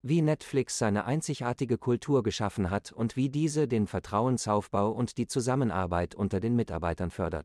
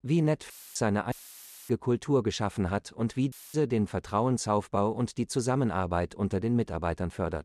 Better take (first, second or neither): first